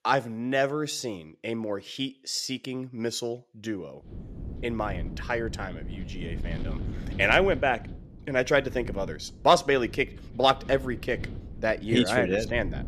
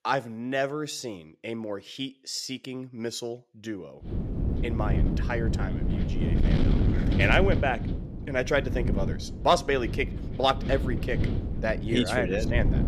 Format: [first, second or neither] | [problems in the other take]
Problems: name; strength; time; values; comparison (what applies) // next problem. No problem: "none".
first | wind noise on the microphone; heavy; from 4 s on; 9 dB below the speech; occasional gusts in the first